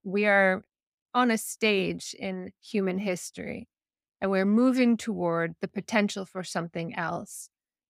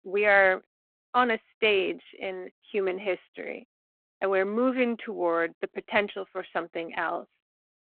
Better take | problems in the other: first | phone-call audio

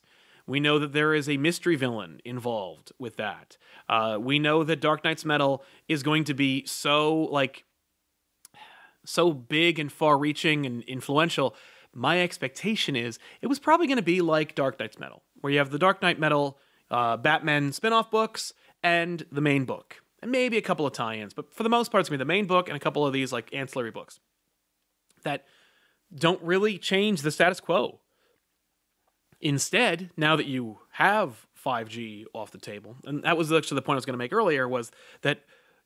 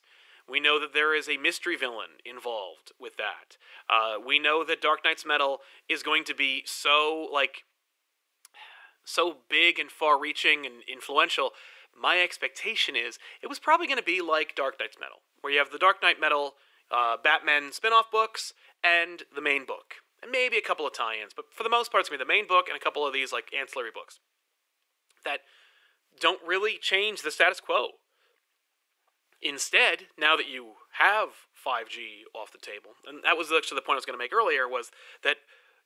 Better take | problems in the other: first | thin; very; fading below 400 Hz

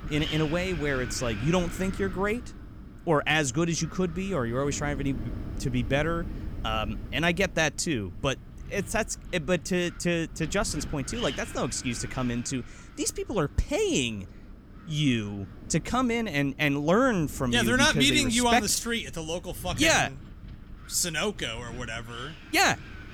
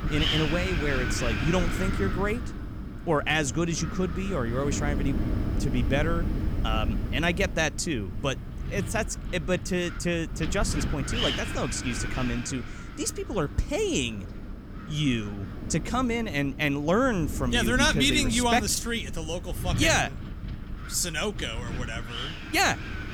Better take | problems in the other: first | wind noise on the microphone; heavy; 8 dB below the speech; occasional gusts in the first

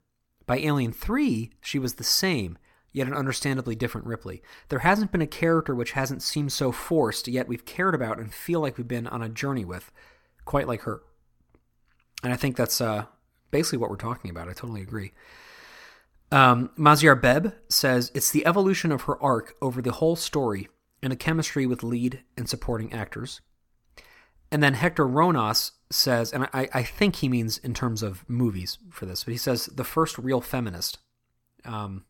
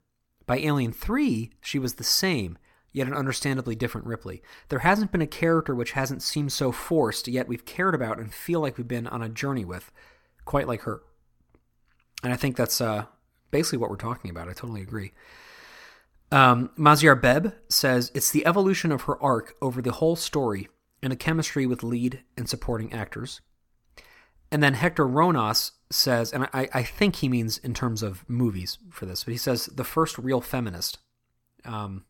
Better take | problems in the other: neither | none

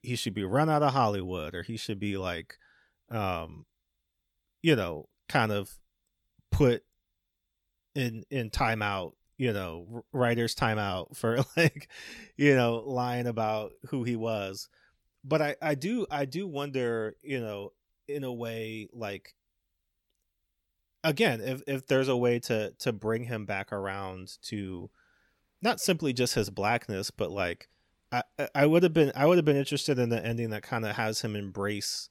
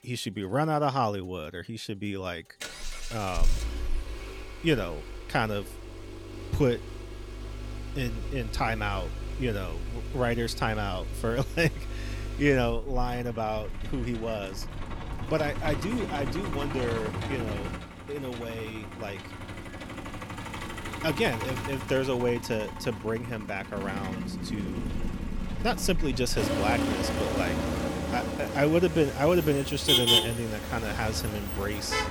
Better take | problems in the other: first | traffic noise; loud; throughout; 3 dB below the speech

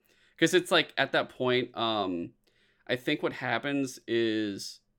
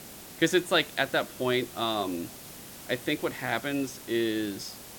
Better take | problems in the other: first | hiss; noticeable; throughout; 15 dB below the speech

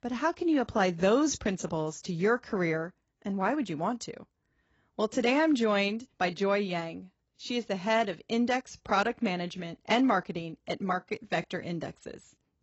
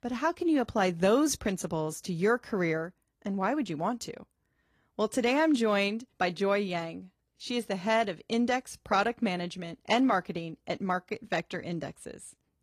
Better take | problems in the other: second | garbled, watery; badly; nothing above 7.5 kHz; slightly in the second

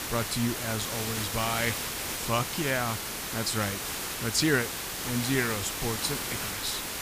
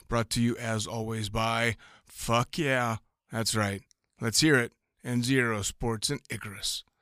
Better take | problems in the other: second | hiss; loud; throughout; 1 dB below the speech

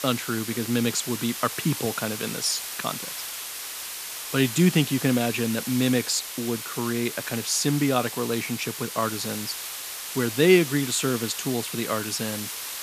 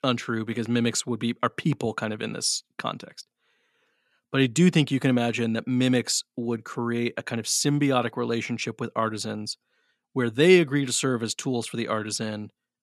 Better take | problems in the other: second | hiss; loud; throughout; 6 dB below the speech

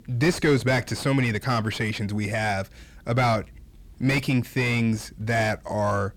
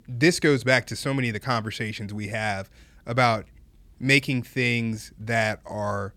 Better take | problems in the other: second | distortion; heavy; 5 dB below the speech

